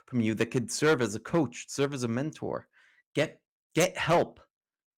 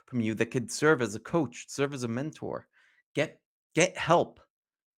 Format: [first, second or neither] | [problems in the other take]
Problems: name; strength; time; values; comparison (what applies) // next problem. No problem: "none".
second | distortion; slight; 3% of the sound clipped